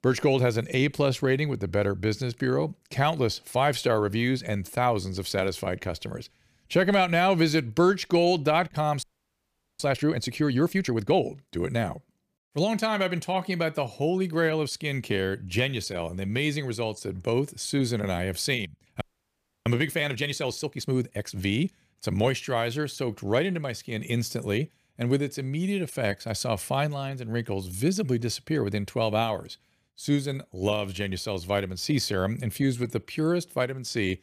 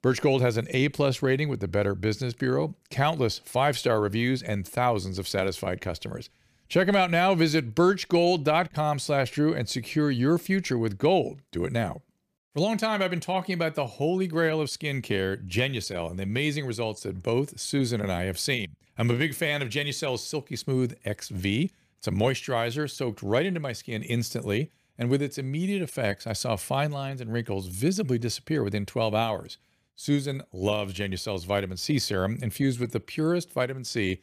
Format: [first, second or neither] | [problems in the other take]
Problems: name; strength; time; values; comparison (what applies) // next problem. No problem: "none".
second | audio freezing; at 9 s for 1 s and at 19 s for 0.5 s